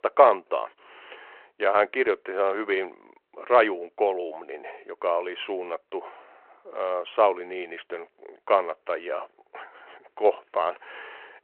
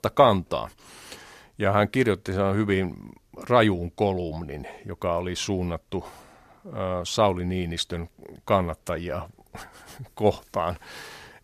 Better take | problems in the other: second | phone-call audio

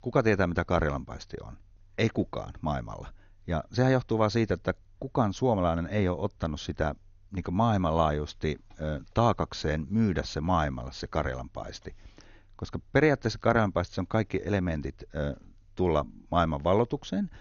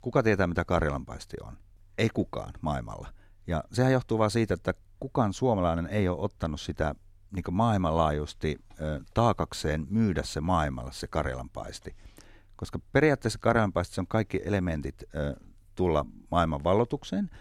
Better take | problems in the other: second | garbled, watery; slightly; nothing above 6.5 kHz

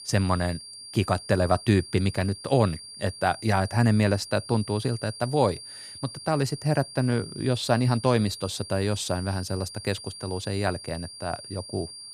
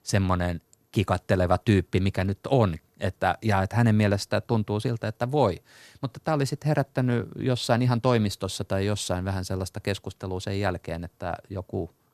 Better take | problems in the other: second | high-pitched whine; noticeable; throughout; 4.5 kHz, 15 dB below the speech

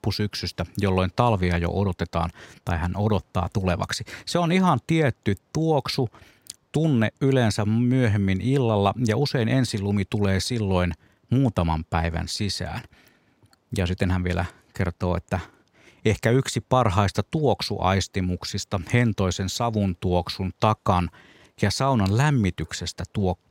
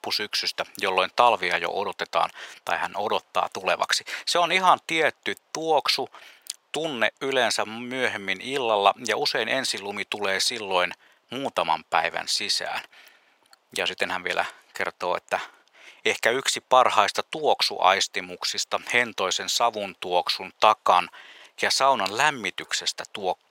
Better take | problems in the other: first | thin; very; fading below 750 Hz

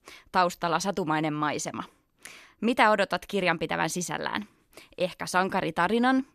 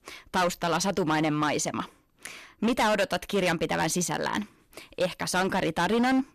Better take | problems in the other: first | distortion; heavy; 11% of the sound clipped

